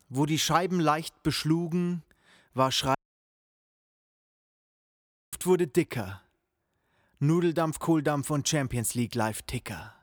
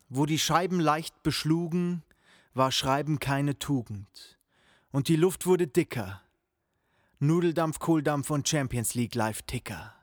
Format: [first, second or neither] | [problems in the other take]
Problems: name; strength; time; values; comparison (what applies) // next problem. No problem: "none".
second | audio cutting out; at 3 s for 2.5 s